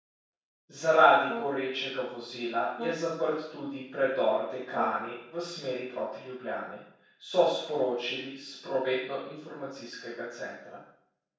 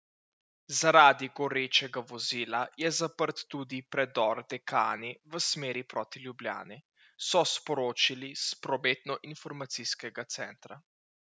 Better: second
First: noise reduction (neural separator model SepFormer DNS4)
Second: none

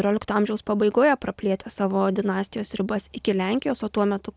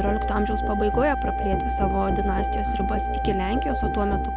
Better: first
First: none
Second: background sound (Musical instrument + Wind instrument, woodwind instrument); 3 dB above the speech

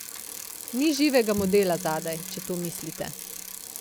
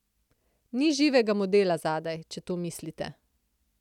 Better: second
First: background sound (Bicycle + Bowed string instrument); 9 dB below the speech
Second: none

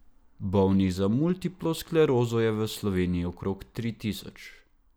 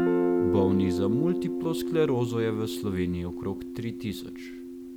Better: first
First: none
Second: background sound (Guitar); 1 dB above the speech

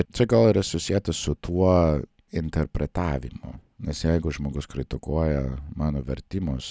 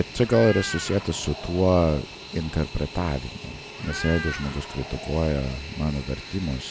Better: first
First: none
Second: background sound (Meow + Fixed-wing aircraft, airplane); 12 dB below the speech

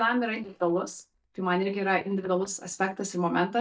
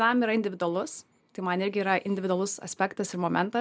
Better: second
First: noise reduction (neural mask model DeepFilterNet 3)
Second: none

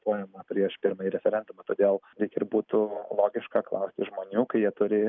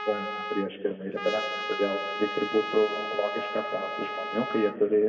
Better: first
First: none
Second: background sound (Trumpet); 6 dB below the speech // room echo; dies away in 1.9 s

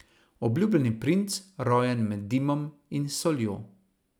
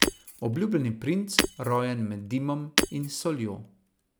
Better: first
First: none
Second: background sound (Shatter); 2 dB below the speech

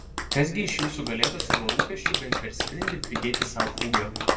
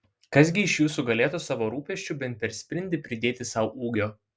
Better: second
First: background sound (Clapping); 3 dB above the speech // room echo; dies away in 1.7 s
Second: none

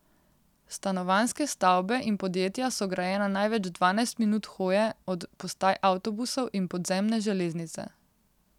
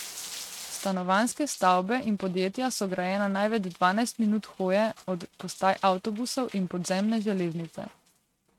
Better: first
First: none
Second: noise reduction (neural mask model RNNoise)

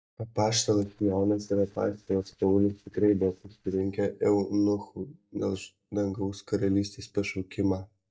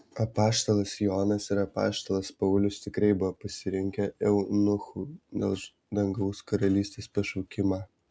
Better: second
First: noise reduction (neural mask model DeepFilterNet 3)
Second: none

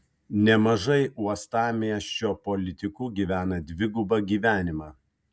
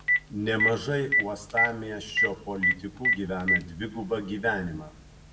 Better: first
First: none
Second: background sound (Telephone); 2 dB above the speech // room echo; dies away in 0.6 s

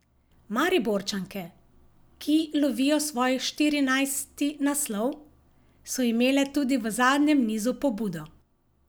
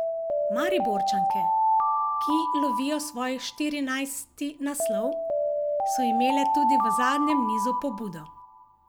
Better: first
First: none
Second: background sound (Alarm); 4 dB above the speech

